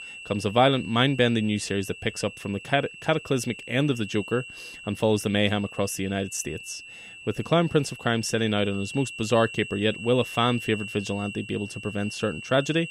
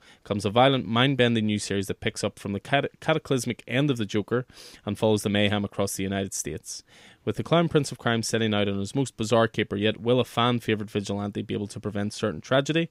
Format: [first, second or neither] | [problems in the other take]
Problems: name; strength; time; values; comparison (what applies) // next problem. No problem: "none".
second | high-pitched whine; noticeable; throughout; 2.5 kHz, 15 dB below the speech